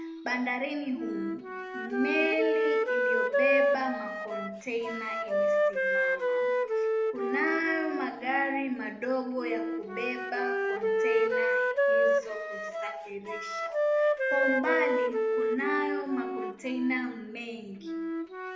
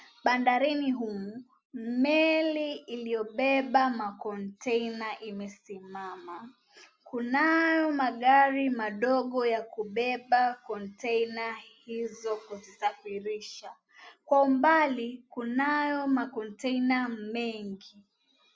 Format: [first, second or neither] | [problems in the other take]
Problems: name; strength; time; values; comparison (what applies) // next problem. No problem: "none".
second | background sound (Wind instrument, woodwind instrument); 4 dB above the speech // room echo; dies away in 0.8 s